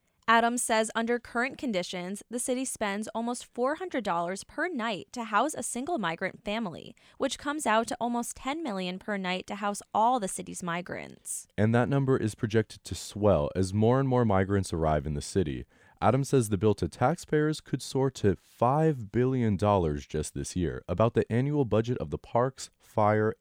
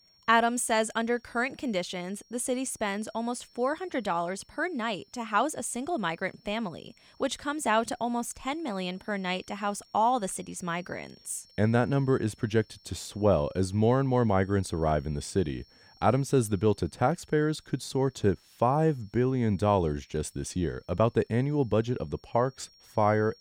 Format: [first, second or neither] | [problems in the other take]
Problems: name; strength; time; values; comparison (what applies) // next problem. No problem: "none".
first | high-pitched whine; faint; throughout; 5.5 kHz, 30 dB below the speech